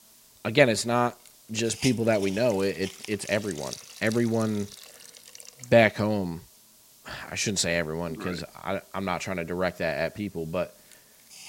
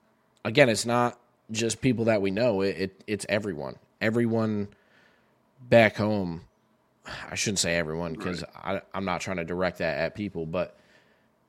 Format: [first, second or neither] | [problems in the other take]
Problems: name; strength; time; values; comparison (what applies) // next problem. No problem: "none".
second | hiss; noticeable; throughout; 15 dB below the speech